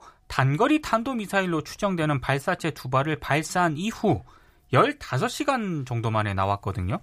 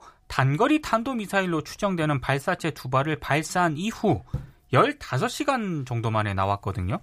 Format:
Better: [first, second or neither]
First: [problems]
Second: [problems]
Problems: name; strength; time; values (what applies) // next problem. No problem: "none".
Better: first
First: none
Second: door banging; faint; at 4.5 s; peak 10 dB below the speech